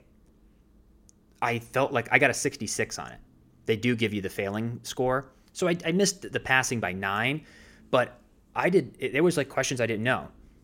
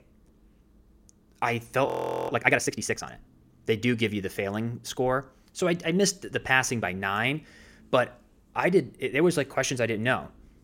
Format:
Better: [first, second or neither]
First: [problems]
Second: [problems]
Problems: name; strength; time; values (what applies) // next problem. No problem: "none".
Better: first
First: none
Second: audio freezing; at 2 s